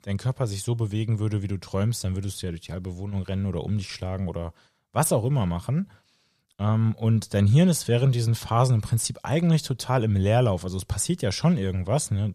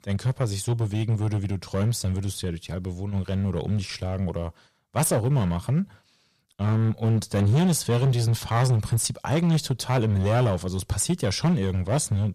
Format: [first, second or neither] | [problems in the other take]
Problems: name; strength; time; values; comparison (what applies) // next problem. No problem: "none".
first | distortion; slight; 10% of the sound clipped